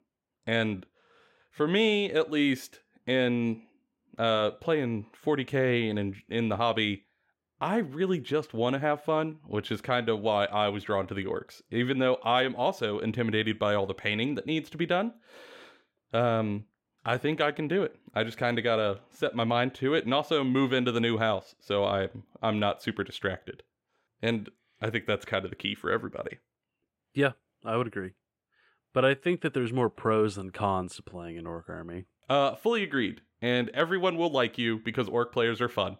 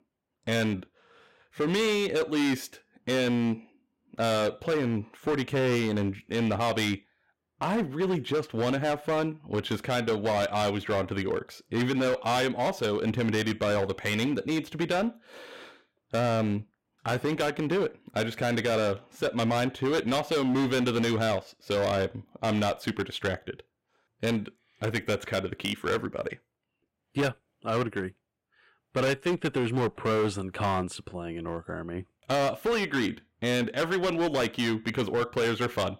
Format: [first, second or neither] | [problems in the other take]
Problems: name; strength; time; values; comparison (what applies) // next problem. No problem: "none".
first | distortion; heavy; 14% of the sound clipped